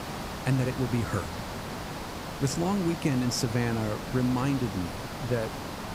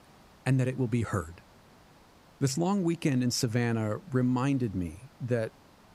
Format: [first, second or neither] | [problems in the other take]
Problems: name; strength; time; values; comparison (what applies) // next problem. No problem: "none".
second | hiss; loud; throughout; 7 dB below the speech; faint in the second